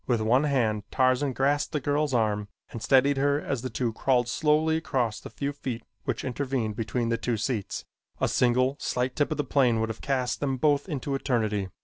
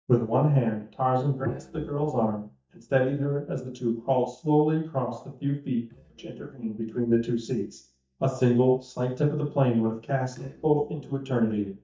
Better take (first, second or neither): first